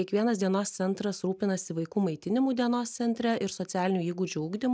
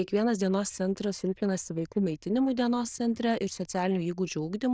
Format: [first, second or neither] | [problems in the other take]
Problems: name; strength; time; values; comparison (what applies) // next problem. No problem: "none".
first | noise reduction (neural diffusion model UNIVERSE++)